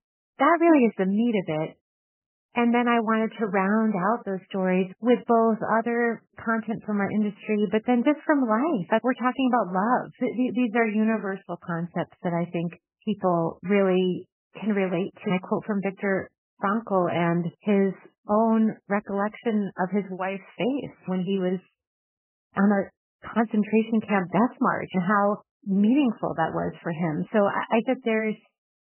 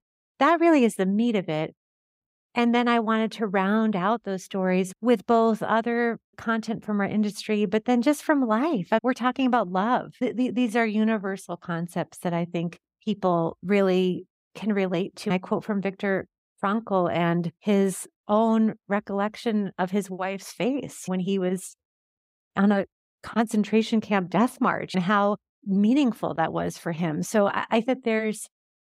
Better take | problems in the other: second | garbled, watery; badly; nothing above 3 kHz

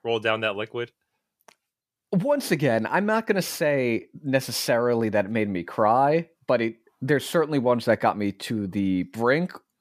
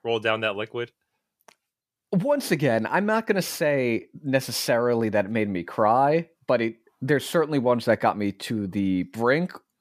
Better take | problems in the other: neither | none

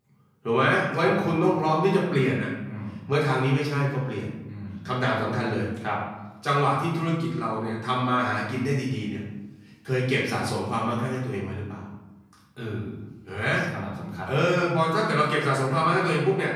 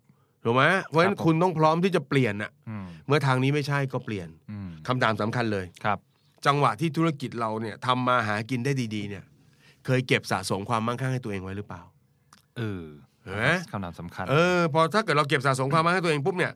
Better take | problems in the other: second | off-mic speech; far // room echo; noticeable; dies away in 0.9 s

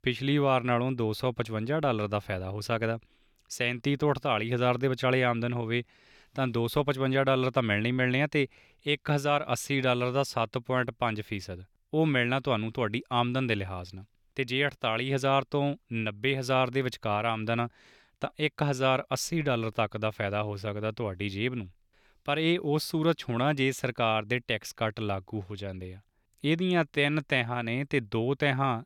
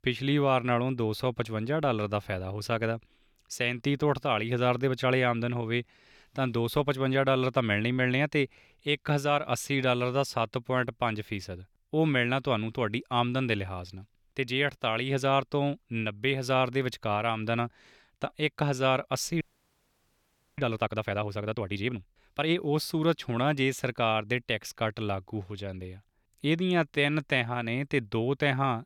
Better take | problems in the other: first | audio freezing; at 19 s for 1 s

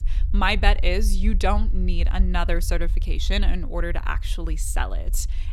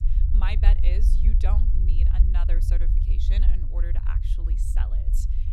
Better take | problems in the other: first | low rumble; loud; throughout; 3 dB below the speech; faint in the first

